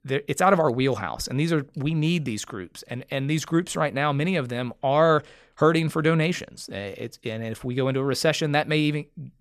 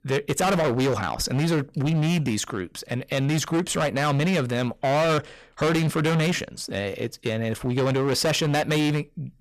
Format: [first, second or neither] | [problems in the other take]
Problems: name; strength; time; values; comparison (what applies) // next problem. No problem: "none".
first | distortion; heavy; 19% of the sound clipped